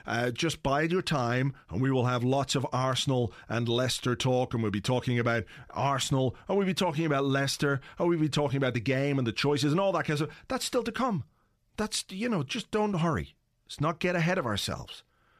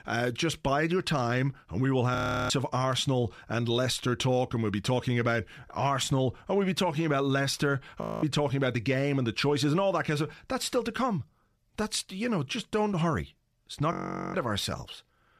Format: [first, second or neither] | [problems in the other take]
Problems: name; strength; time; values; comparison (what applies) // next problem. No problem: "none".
first | audio freezing; at 2 s, at 8 s and at 14 s